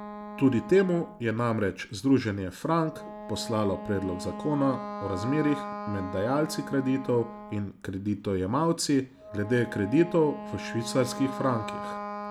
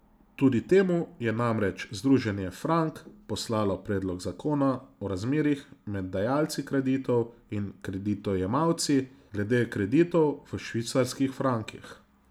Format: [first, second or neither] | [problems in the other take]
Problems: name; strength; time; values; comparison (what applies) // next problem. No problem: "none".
second | background sound (Wind instrument, woodwind instrument); 11 dB below the speech